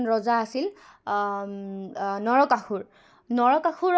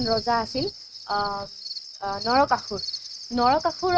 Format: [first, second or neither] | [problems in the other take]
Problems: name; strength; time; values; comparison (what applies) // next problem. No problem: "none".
first | noise reduction (neural mask model RNNoise)